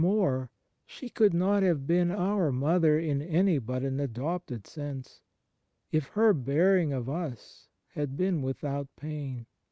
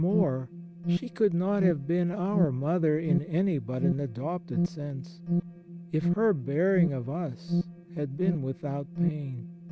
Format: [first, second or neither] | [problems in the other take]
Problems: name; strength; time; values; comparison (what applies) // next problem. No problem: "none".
first | background sound (Alarm); 3 dB below the speech